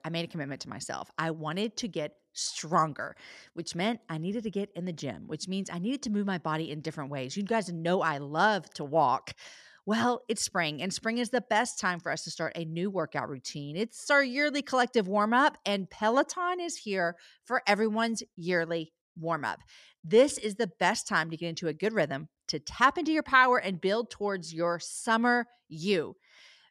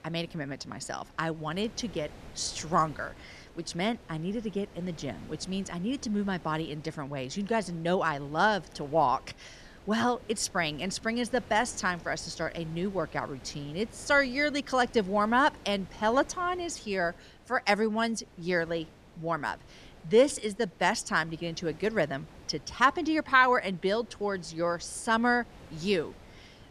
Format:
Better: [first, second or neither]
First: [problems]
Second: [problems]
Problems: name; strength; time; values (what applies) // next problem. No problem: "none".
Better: first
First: none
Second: wind noise on the microphone; occasional gusts; 25 dB below the speech